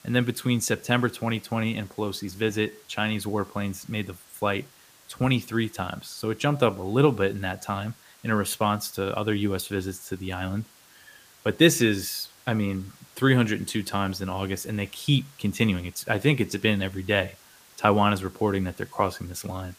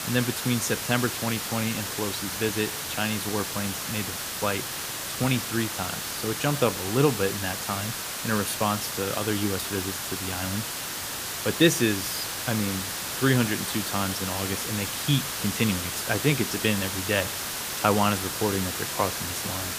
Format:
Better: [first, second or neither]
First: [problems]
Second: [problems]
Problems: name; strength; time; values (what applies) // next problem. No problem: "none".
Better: first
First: hiss; faint; throughout; 25 dB below the speech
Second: hiss; loud; throughout; 2 dB below the speech